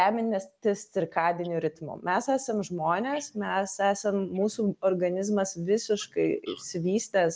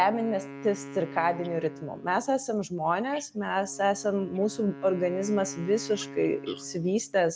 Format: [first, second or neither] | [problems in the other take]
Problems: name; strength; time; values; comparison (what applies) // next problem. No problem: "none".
first | background sound (Wind instrument, woodwind instrument); 15 dB below the speech